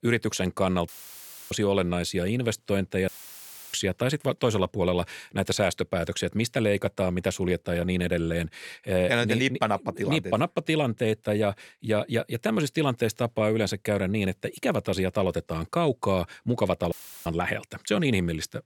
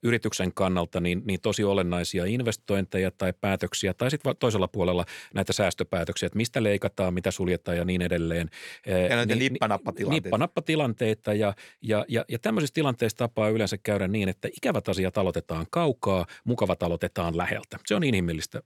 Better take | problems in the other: second | audio cutting out; filled with static; at 1 s for 0.5 s, at 3 s for 0.5 s and at 17 s

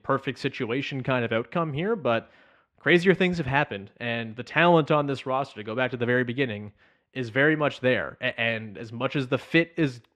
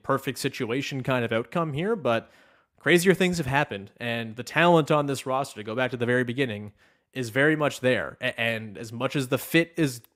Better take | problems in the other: second | muffled; slightly; fading above 3 kHz

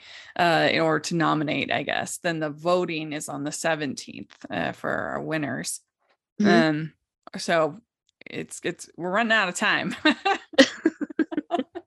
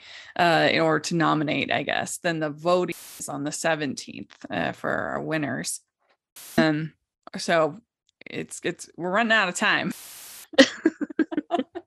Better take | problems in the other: first | audio cutting out; filled with static; at 3 s, at 6.5 s and at 10 s for 0.5 s

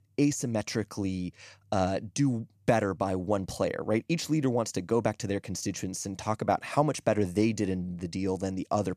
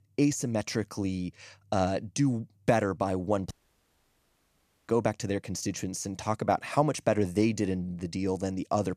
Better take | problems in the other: first | audio cutting out; at 3.5 s for 1.5 s

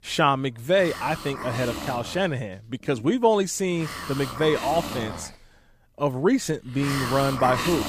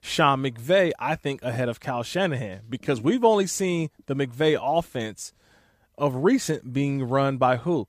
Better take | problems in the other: second | hiss; loud; throughout; 8 dB below the speech

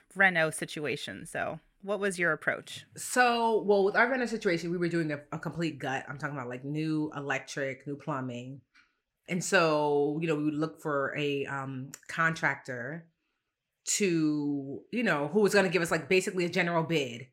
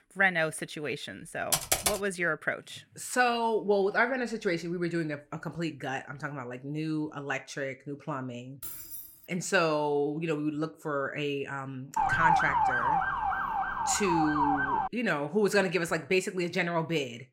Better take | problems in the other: first | keyboard typing; loud; at 1.5 s; peak 4 dB above the speech // jangling keys; noticeable; at 8.5 s; peak 7 dB below the speech // siren; loud; from 12 to 15 s; peak 6 dB above the speech

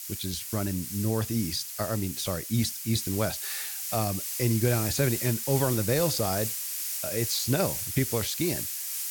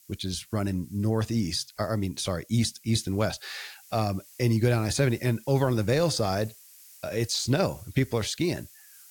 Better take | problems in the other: second | hiss; loud; throughout; 2 dB below the speech; faint in the second

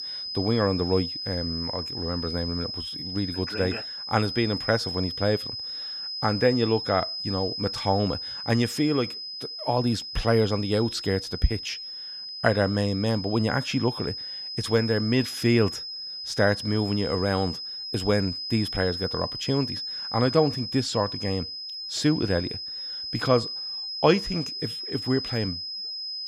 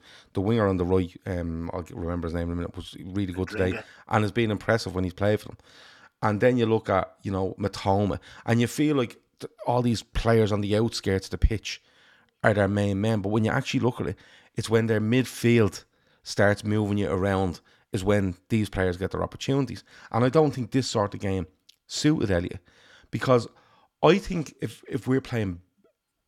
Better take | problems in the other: second | high-pitched whine; loud; throughout; 5 kHz, 5 dB below the speech

